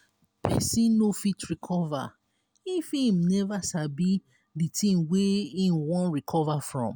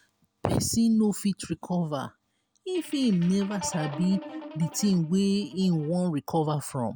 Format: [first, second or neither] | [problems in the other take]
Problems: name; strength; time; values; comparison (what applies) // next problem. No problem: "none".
first | background sound (Guitar); 14 dB below the speech